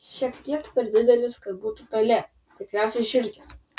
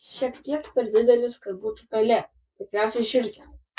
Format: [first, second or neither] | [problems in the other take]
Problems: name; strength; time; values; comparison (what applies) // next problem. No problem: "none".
first | noise reduction (neural mask model Resemble Enhance denoiser)